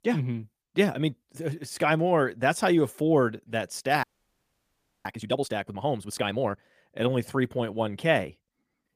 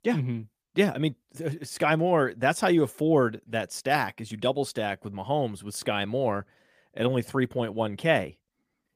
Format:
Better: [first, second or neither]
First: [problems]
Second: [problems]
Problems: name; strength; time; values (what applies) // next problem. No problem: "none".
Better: second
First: audio freezing; at 4 s for 1 s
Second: none